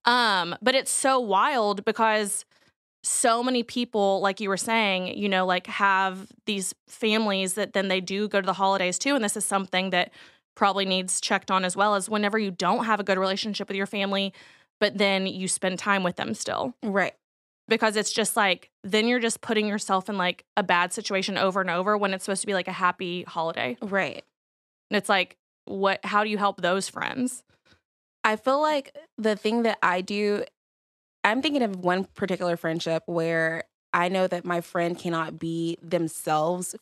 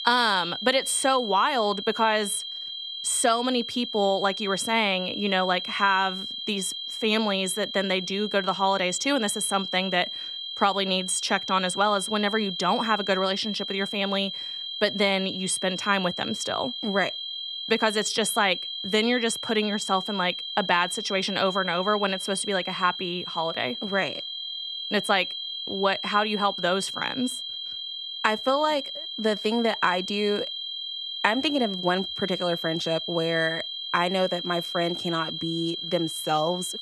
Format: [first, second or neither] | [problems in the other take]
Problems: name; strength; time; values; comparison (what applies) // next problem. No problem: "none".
first | high-pitched whine; loud; throughout; 3 kHz, 6 dB below the speech